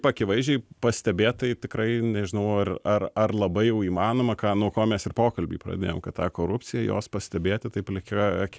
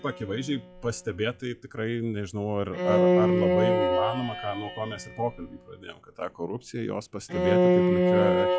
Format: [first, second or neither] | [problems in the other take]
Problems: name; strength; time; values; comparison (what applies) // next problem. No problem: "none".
first | noise reduction (classical method log-MMSE)